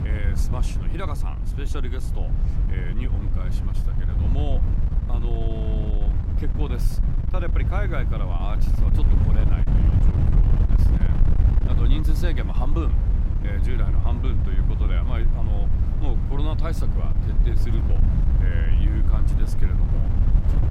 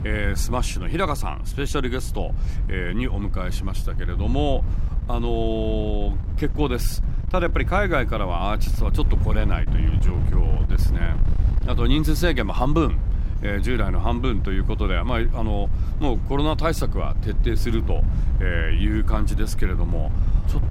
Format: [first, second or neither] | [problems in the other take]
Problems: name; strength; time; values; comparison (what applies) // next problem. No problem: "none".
second | wind noise on the microphone; heavy; 1 dB below the speech; occasional gusts in the second